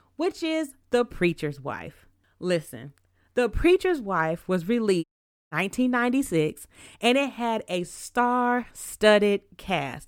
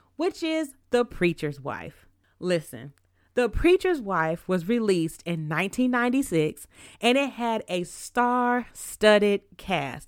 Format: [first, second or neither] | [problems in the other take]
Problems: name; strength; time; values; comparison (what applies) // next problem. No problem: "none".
second | audio cutting out; at 5 s